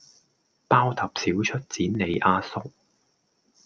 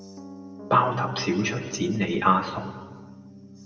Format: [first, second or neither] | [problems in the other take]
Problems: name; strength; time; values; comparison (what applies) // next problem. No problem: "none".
first | background sound (Piano); 14 dB below the speech // room echo; dies away in 1.3 s